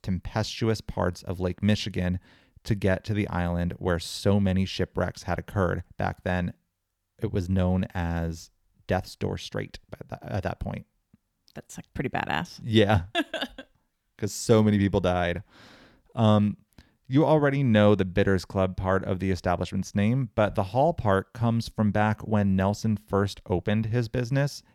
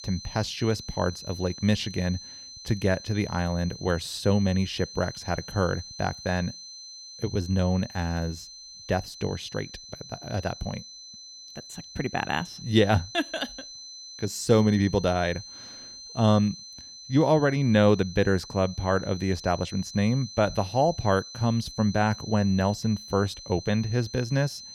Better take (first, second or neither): first